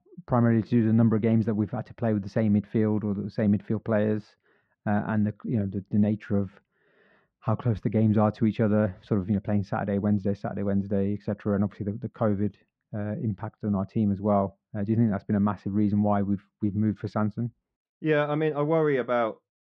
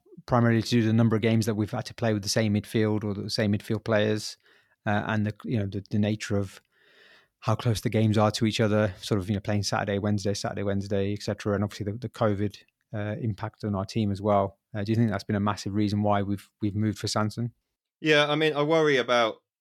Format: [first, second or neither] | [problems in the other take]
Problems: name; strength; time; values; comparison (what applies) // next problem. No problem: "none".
second | muffled; very; fading above 1.5 kHz